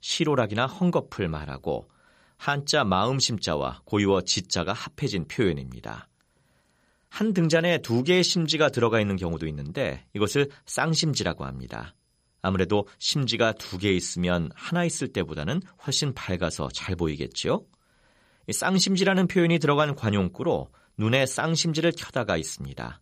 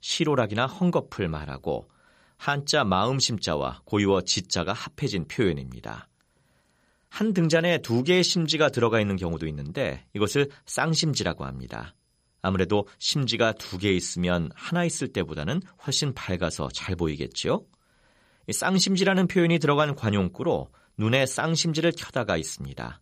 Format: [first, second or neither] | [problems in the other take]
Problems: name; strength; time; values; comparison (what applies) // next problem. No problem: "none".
neither | none